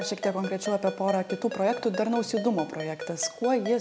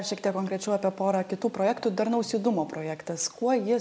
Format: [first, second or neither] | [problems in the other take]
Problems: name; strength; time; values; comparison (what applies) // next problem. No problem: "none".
second | background sound (Ringtone); 11 dB below the speech